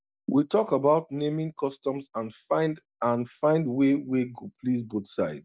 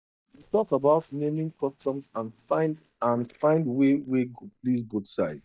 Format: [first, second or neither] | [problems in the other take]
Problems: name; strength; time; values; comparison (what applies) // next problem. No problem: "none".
first | noise reduction (neural mask model DeepFilterNet 3)